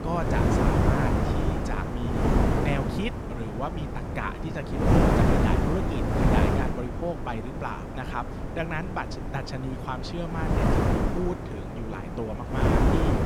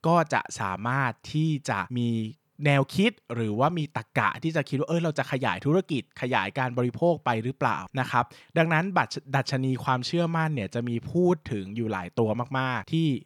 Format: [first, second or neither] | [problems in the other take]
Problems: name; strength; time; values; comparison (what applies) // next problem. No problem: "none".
second | wind noise on the microphone; heavy; 4 dB above the speech